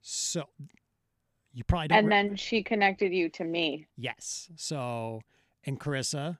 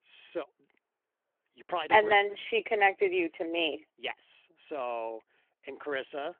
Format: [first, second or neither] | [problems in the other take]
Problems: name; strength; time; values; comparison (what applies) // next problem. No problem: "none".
first | phone-call audio; nothing above 3 kHz